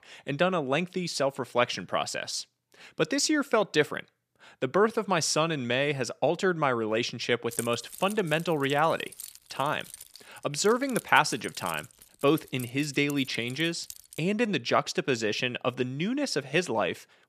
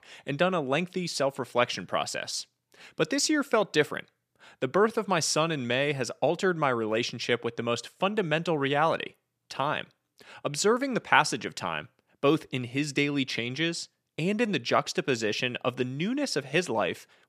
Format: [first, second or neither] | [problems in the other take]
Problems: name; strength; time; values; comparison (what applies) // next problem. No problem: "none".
second | jangling keys; noticeable; from 7.5 to 14 s; peak 8 dB below the speech